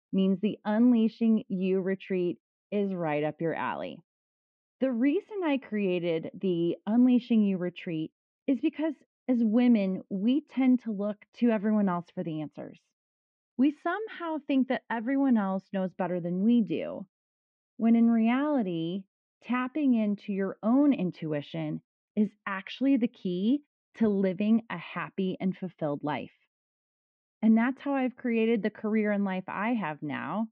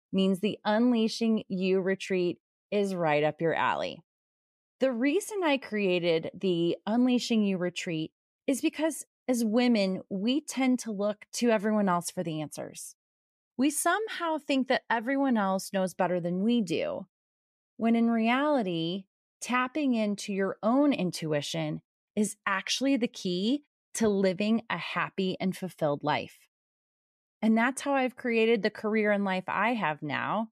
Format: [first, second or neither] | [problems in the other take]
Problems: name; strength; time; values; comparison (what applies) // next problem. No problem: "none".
second | muffled; very; fading above 3 kHz